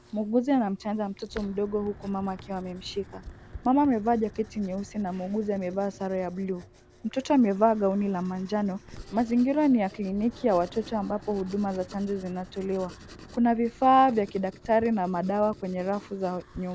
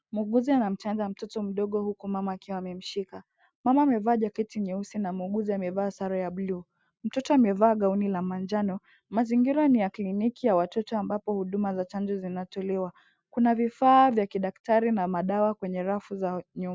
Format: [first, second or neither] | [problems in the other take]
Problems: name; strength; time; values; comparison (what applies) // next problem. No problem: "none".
second | background sound (Wind / Breathing + Writing); 20 dB below the speech